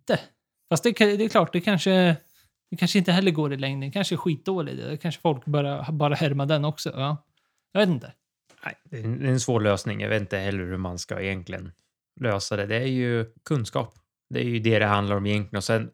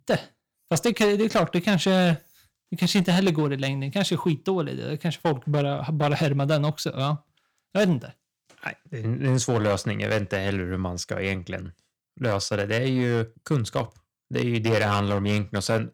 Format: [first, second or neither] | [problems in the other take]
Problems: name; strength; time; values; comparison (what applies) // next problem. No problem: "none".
first | distortion; slight; 6% of the sound clipped